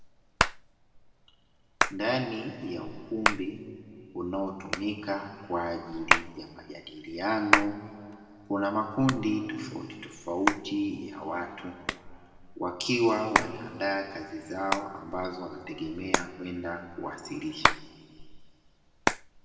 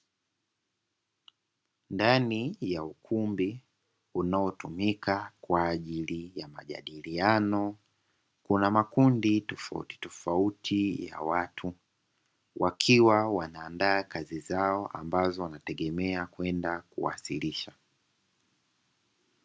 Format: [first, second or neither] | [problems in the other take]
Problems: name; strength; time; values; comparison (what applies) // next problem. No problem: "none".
second | background sound (Hands); 1 dB below the speech // room echo; dies away in 2.1 s